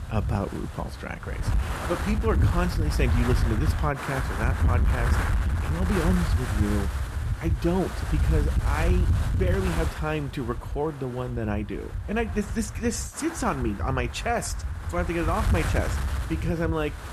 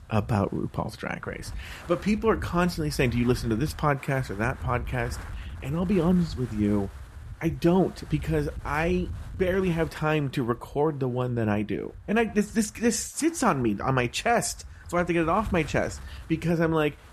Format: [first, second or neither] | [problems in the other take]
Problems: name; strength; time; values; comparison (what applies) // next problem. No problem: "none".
second | wind noise on the microphone; heavy; 4 dB below the speech; occasional gusts in the second